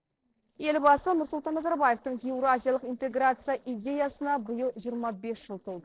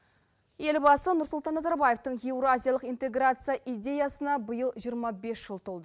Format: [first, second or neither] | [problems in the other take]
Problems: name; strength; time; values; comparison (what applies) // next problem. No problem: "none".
second | noise reduction (neural separator model SepFormer DNS4)